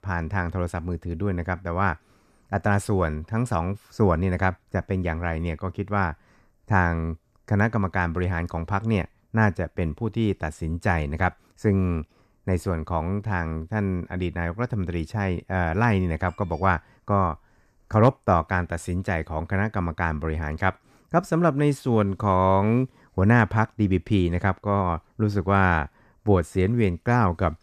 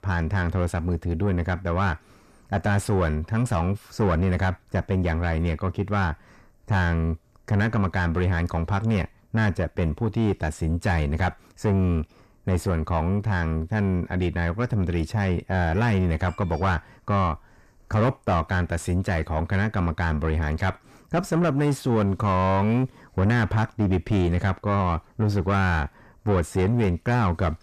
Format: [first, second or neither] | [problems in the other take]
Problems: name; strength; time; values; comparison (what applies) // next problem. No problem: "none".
first | distortion; heavy; 7 dB below the speech